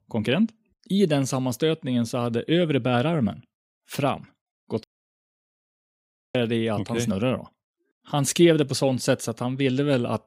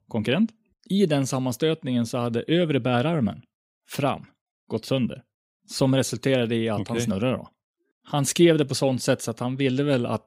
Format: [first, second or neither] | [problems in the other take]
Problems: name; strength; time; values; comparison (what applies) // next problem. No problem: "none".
second | audio cutting out; at 5 s for 1.5 s